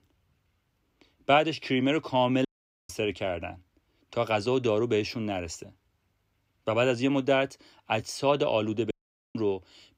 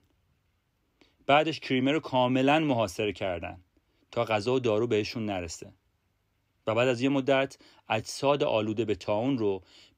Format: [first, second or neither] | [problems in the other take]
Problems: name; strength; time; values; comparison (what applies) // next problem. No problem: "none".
second | audio cutting out; at 2.5 s and at 9 s